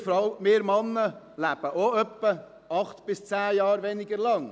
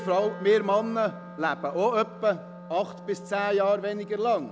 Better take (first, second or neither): first